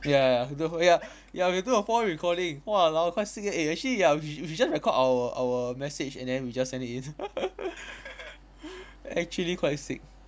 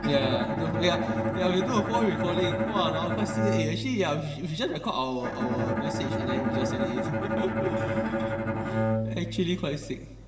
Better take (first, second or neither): first